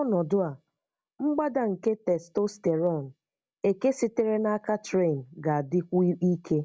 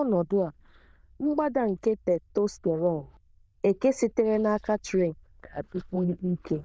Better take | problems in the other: first | noise reduction (neural diffusion model UNIVERSE++)

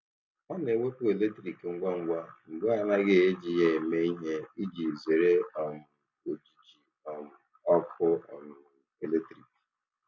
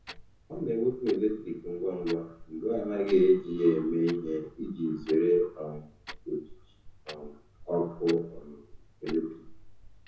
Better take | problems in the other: first | background sound (Clock); 18 dB below the speech // room echo; dies away in 0.6 s

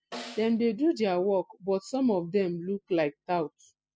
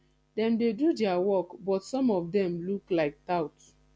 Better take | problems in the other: second | noise reduction (classical method spectral subtraction)

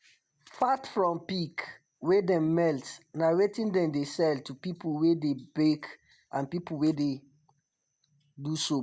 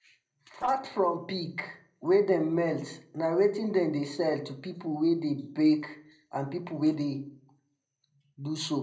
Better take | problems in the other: first | noise reduction (neural separator model SepFormer DNS4)

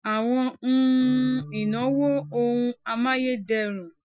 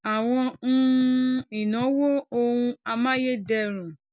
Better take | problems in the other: second | noise reduction (classical method Wiener filter)

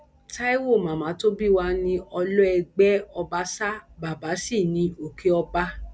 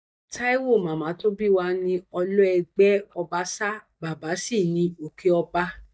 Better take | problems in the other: first | noise reduction (neural mask model DeepFilterNet 3)

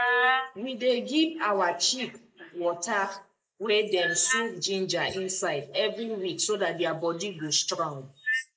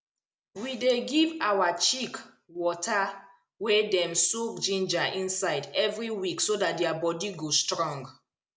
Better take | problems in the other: second | noise reduction (neural mask model Resemble Enhance denoiser)

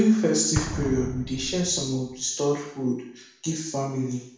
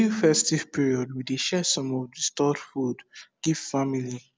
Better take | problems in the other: second | background sound (Explosion); 11 dB below the speech // room echo; dies away in 0.6 s

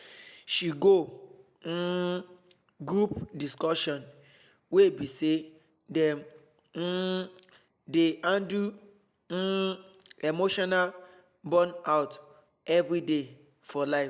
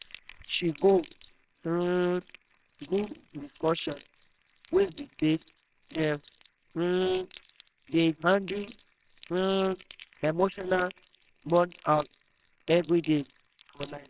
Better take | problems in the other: first | noise reduction (neural separator model SepFormer WHAMR!)

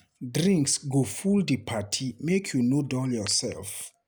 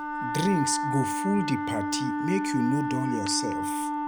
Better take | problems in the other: first | background sound (Wind instrument, woodwind instrument); as loud as the speech

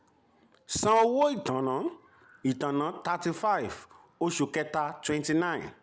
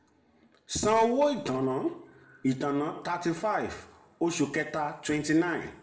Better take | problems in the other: first | room echo; dies away in 0.6 s

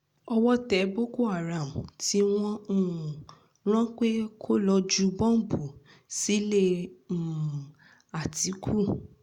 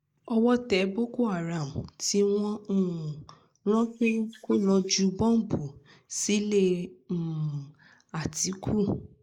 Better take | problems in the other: first | noise reduction (neural mask model Resemble Enhance denoiser)

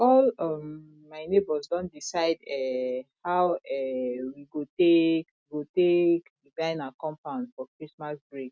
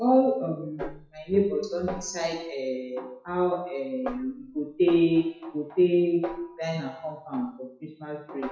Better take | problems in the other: first | noise reduction (classical method WPE with log-MMSE)

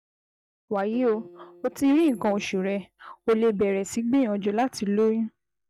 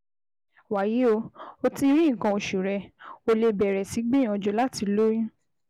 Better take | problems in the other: second | noise reduction (neural mask model DeepFilterNet 3)

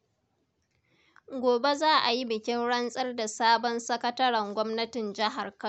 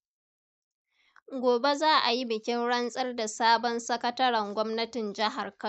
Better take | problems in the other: first | noise reduction (neural mask model Resemble Enhance denoiser)

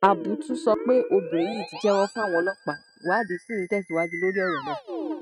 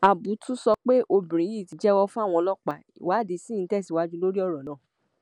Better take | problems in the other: second | noise reduction (neural mask model RNNoise)

